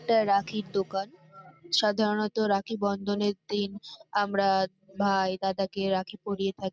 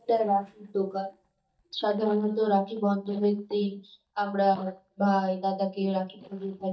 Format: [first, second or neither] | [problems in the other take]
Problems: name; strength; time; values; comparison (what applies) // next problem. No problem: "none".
first | noise reduction (neural mask model DeepFilterNet 3)